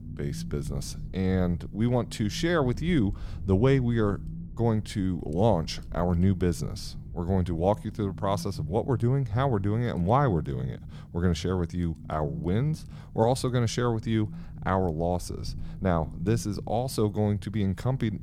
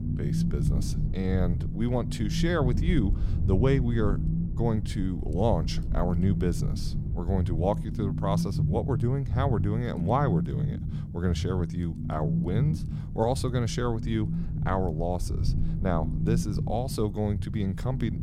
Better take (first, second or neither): first